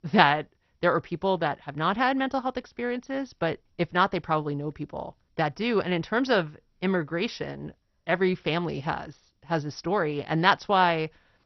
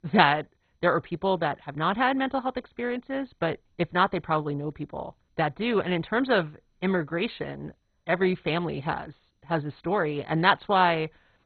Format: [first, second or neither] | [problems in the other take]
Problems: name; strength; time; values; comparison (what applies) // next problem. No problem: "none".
first | garbled, watery; badly; nothing above 4 kHz; slightly in the first